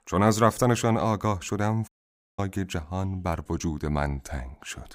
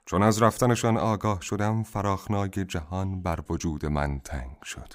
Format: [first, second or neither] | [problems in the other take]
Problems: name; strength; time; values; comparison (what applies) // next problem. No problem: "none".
second | audio cutting out; at 2 s for 0.5 s